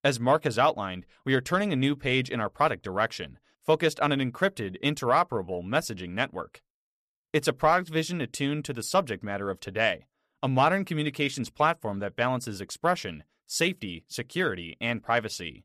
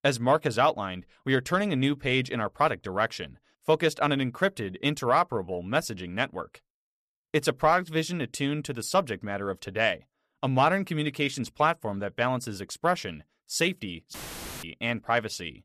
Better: first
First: none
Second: audio cutting out; filled with static; at 14 s

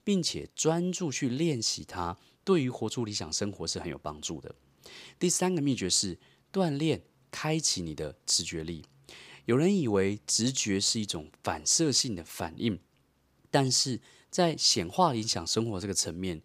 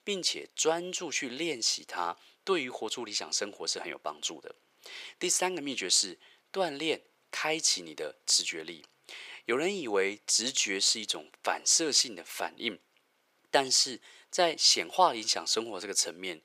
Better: first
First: none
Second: thin; very; fading below 550 Hz

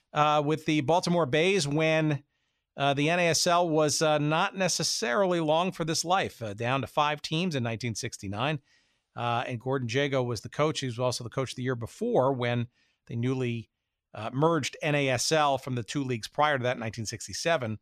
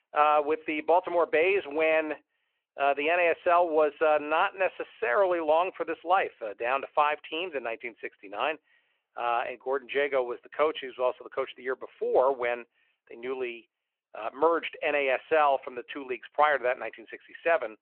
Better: first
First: none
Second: phone-call audio

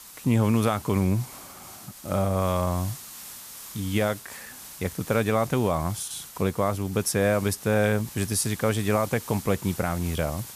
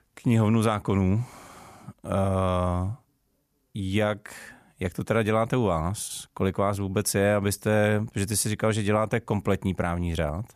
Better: second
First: hiss; noticeable; throughout; 15 dB below the speech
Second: none

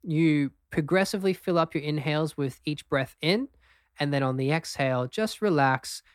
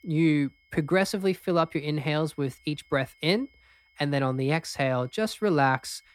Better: first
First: none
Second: high-pitched whine; faint; throughout; 2 kHz, 35 dB below the speech

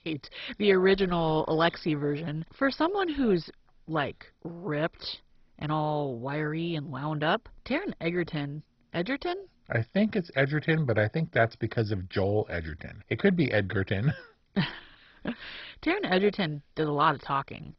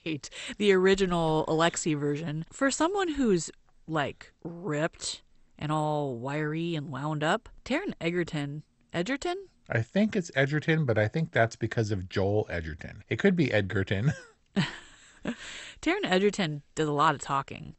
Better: second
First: garbled, watery; badly; nothing above 5.5 kHz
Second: garbled, watery; slightly; nothing above 8 kHz

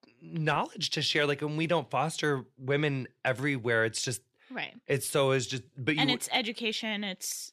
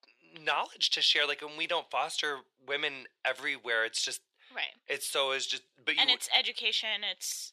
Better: first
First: none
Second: thin; very; fading below 650 Hz

